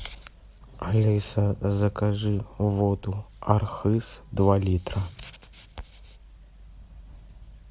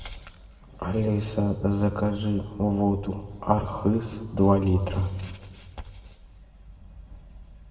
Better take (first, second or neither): first